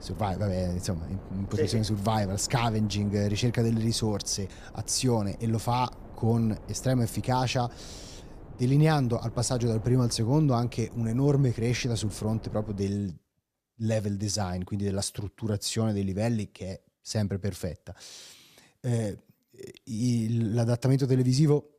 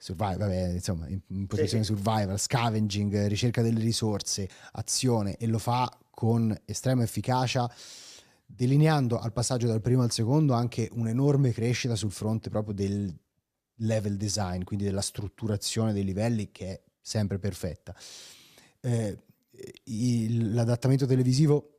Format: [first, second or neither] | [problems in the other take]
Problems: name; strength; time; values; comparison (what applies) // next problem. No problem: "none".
second | wind noise on the microphone; occasional gusts; until 13 s; 20 dB below the speech